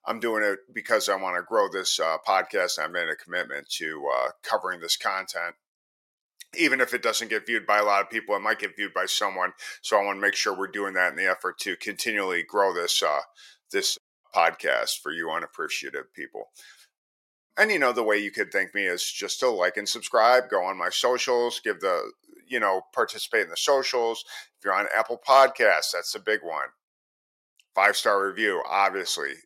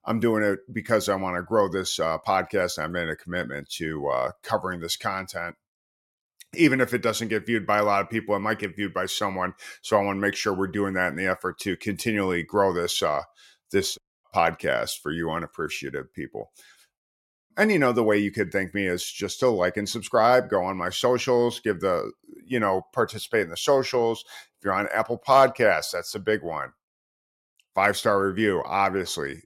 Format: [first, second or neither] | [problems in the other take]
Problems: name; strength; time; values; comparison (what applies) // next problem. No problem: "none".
second | thin; somewhat; fading below 500 Hz